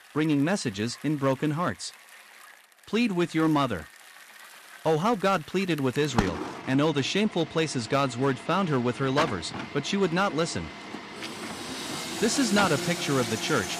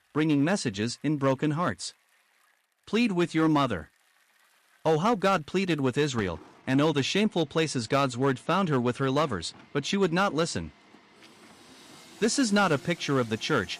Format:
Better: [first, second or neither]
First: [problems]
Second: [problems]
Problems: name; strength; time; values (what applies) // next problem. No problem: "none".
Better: second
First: traffic noise; loud; throughout; 8 dB below the speech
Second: traffic noise; faint; throughout; 25 dB below the speech